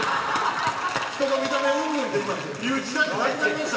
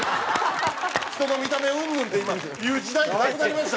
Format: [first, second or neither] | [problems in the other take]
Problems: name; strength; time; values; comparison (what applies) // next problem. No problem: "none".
second | background sound (Ringtone); 8 dB below the speech // room echo; dies away in 2.6 s